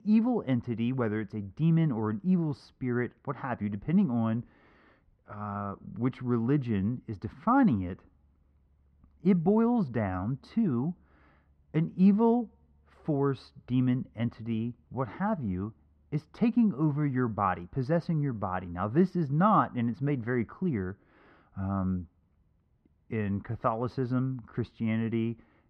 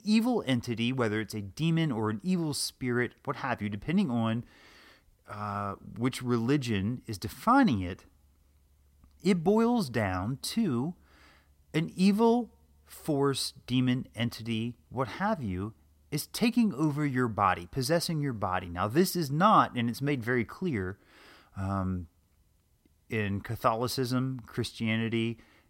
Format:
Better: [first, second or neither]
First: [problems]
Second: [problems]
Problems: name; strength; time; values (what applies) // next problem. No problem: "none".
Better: second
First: muffled; very; fading above 1.5 kHz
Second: none